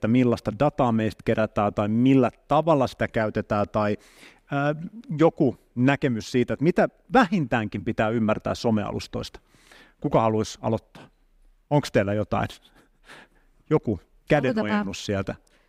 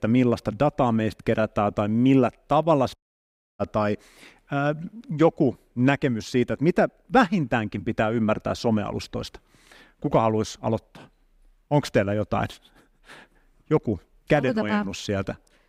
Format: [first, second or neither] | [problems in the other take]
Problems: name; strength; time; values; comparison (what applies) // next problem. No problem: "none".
first | audio cutting out; at 3 s for 0.5 s